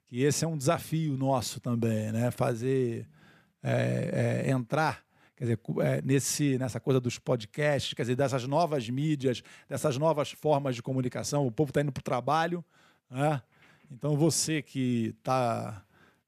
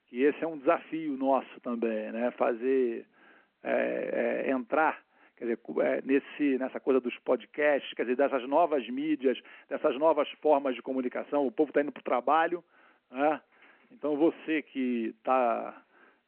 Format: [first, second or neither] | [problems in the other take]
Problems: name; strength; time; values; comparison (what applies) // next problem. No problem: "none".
first | phone-call audio